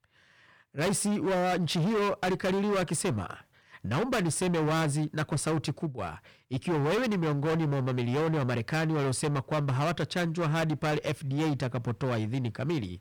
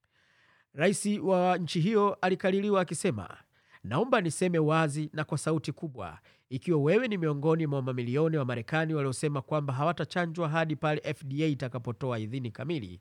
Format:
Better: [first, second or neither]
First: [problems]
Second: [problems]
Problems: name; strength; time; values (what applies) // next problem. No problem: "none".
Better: second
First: distortion; heavy; 27% of the sound clipped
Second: none